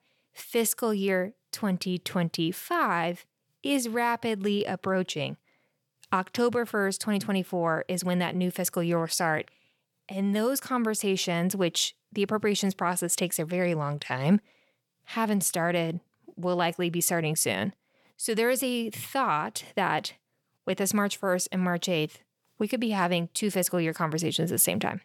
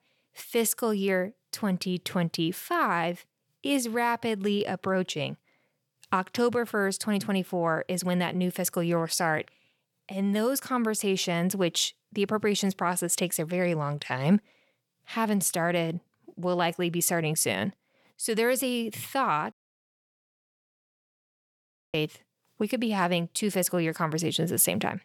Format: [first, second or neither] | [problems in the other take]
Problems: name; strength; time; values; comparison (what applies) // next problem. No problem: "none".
first | audio cutting out; at 20 s for 2.5 s